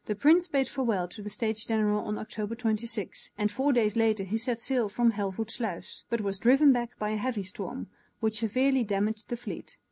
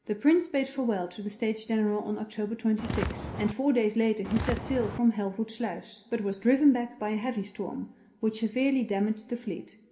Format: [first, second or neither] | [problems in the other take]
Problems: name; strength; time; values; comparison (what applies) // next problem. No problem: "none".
first | background sound (Walk, footsteps); 5 dB below the speech // room echo; dies away in 2.8 s